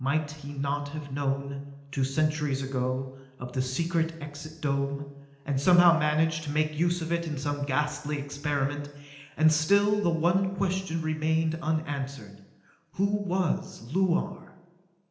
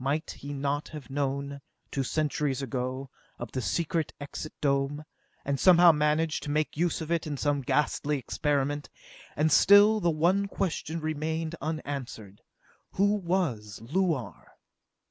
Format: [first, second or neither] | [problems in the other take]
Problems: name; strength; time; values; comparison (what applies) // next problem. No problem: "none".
second | room echo; dies away in 0.9 s